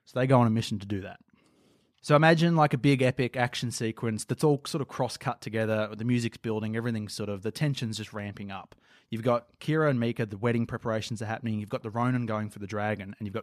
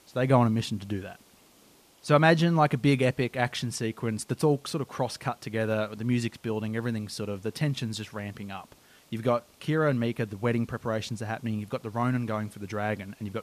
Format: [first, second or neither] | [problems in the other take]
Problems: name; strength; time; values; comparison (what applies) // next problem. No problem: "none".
first | hiss; faint; throughout; 30 dB below the speech